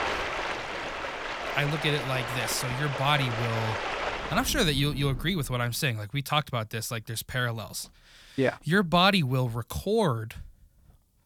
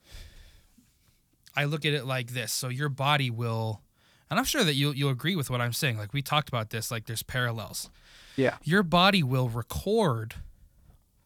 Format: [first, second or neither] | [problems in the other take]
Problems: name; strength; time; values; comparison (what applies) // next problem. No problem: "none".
second | rain or running water; loud; until 5 s; 5 dB below the speech